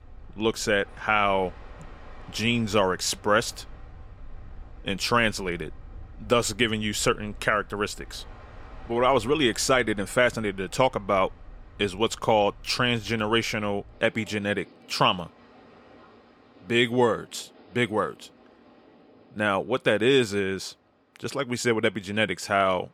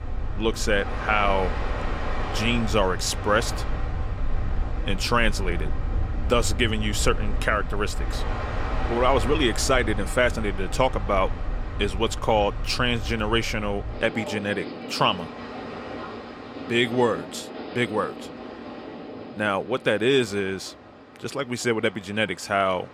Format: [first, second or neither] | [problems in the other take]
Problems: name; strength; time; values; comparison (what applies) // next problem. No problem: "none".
first | train or aircraft noise; loud; throughout; 7 dB below the speech; faint in the first